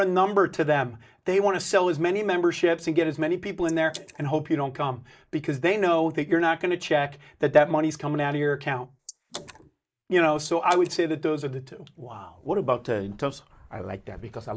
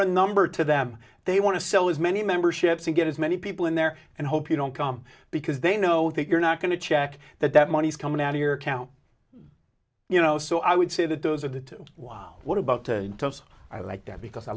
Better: second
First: noise reduction (neural mask model Resemble Enhance denoiser)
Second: none

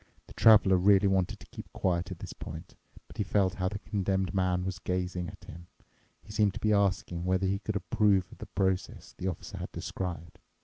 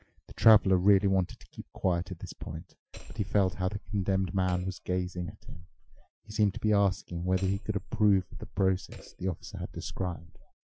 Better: first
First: none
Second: noise reduction (classical method Wiener filter)

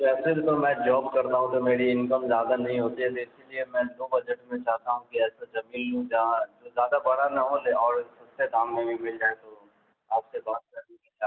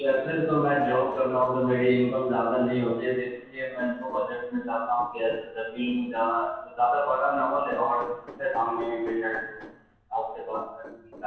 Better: first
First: none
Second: noise reduction (neural separator model SepFormer DNS4)

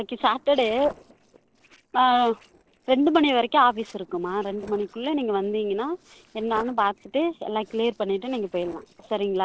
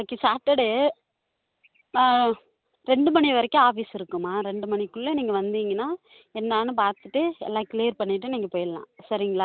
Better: second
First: noise reduction (neural separator model SepFormer DNS4)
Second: none

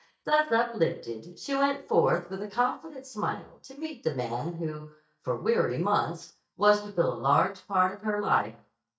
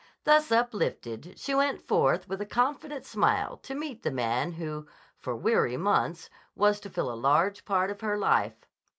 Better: second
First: noise reduction (neural mask model DeepFilterNet 3)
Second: none

